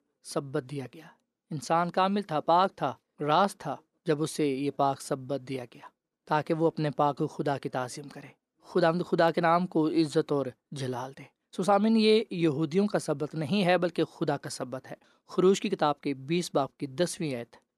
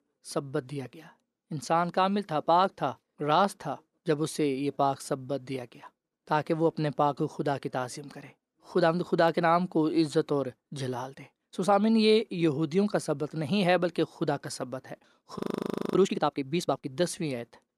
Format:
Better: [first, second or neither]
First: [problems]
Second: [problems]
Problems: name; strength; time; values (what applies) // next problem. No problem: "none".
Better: first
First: none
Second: audio freezing; at 15 s for 0.5 s